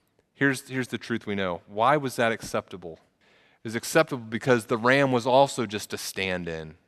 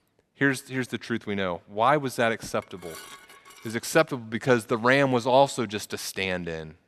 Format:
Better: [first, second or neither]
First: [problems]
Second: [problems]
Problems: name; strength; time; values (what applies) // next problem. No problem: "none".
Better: first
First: none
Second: clattering dishes; faint; from 2.5 to 3.5 s; peak 15 dB below the speech